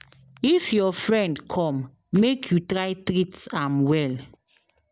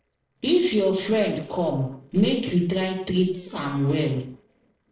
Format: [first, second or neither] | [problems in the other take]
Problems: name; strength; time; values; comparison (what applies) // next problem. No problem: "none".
first | noise reduction (neural separator model SepFormer DNS4)